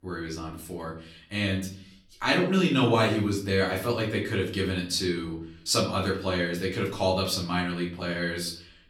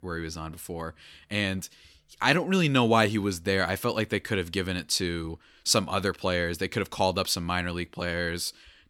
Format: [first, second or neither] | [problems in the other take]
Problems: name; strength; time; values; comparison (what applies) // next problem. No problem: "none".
second | room echo; slight; dies away in 0.4 s // off-mic speech; far